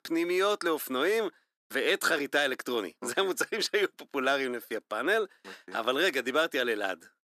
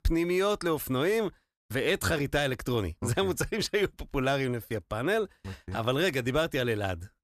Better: second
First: thin; somewhat; fading below 250 Hz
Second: none

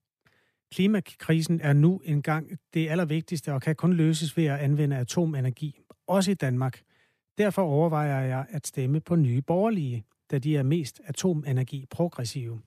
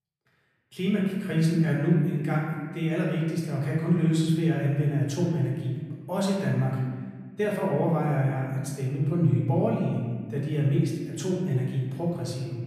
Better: first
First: none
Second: room echo; noticeable; dies away in 1.5 s // off-mic speech; far

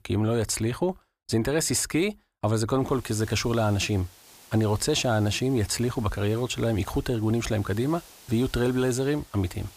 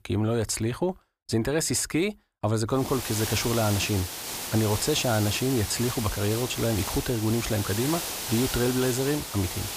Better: first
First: hiss; faint; from 3 s on; 25 dB below the speech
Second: hiss; loud; from 3 s on; 5 dB below the speech

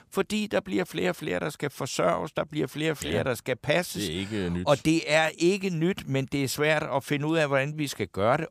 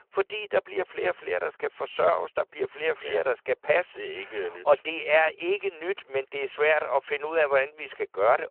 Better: first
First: none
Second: phone-call audio

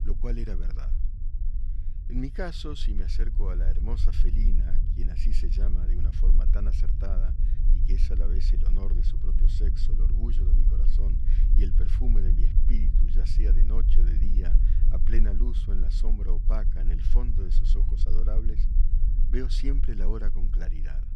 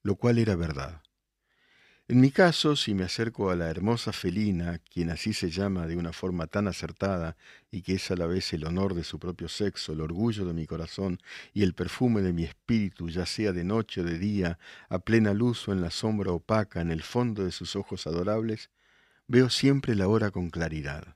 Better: second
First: low rumble; loud; throughout; 6 dB below the speech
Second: none

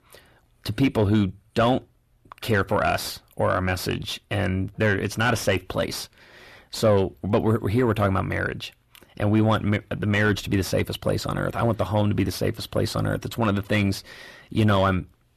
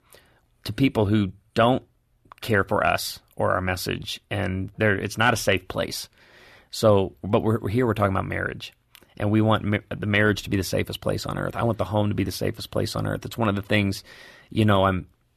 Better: second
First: distortion; slight; 10 dB below the speech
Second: none

